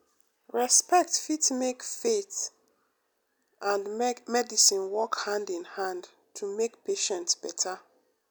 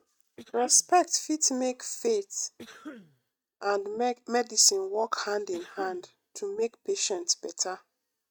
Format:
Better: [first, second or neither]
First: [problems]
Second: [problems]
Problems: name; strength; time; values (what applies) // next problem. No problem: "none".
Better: first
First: none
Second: noise reduction (neural mask model RNNoise)